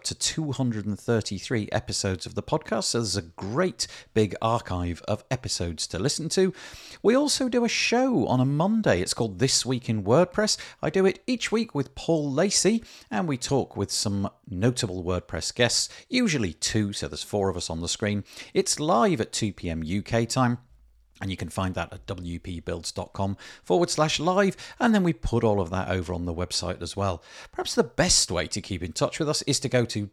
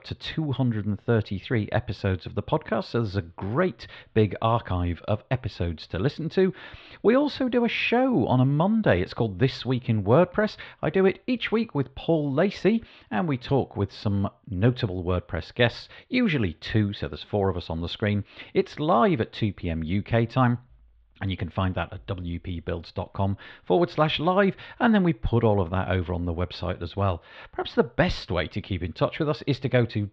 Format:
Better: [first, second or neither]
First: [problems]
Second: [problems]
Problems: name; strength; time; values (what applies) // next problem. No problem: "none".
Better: first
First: none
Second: muffled; very; fading above 3.5 kHz